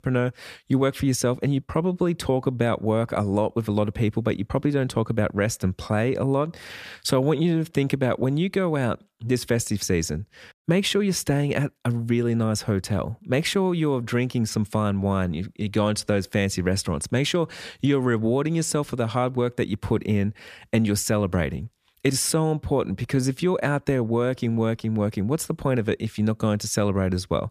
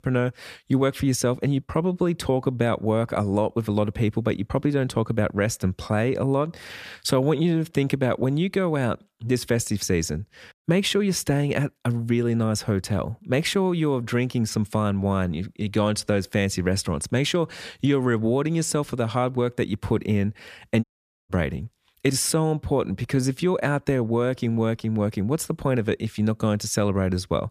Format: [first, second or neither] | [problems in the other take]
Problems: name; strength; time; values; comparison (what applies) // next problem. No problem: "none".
first | audio cutting out; at 21 s